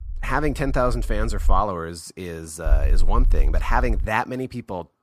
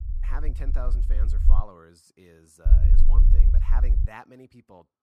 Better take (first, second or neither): first